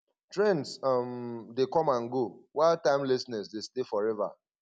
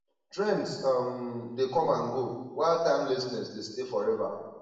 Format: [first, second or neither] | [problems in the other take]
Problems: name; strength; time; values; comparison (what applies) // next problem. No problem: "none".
first | room echo; dies away in 1 s